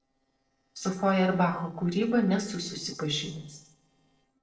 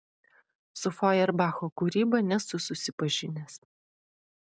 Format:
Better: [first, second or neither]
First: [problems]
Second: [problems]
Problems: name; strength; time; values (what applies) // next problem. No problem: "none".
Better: second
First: noise reduction (neural separator model SepFormer DNS4)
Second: none